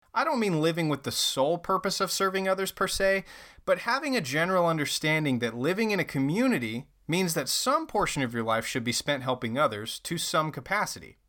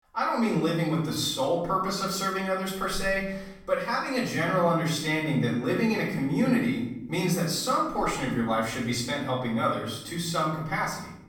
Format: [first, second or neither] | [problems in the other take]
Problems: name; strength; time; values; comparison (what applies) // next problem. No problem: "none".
first | off-mic speech; far // room echo; noticeable; dies away in 0.8 s